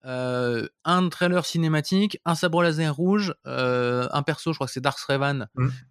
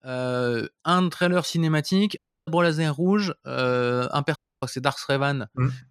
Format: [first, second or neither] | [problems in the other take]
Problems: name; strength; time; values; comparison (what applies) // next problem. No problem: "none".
first | audio cutting out; at 2 s and at 4.5 s